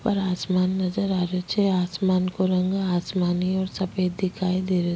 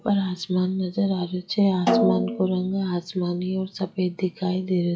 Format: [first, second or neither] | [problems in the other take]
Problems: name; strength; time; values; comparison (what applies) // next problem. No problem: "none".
first | noise reduction (classical method WPE with log-MMSE)